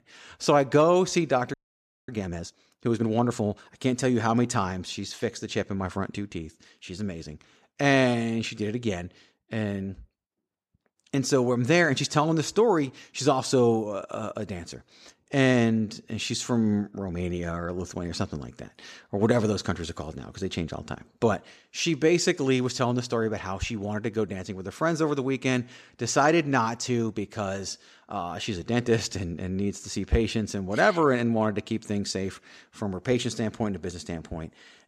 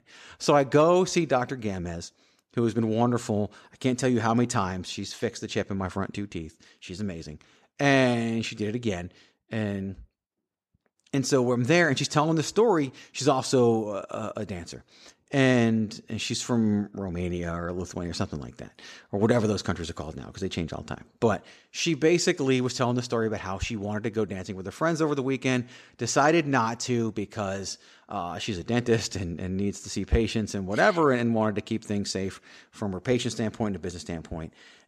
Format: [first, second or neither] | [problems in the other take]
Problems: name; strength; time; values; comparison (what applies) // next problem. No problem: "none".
second | audio freezing; at 1.5 s for 0.5 s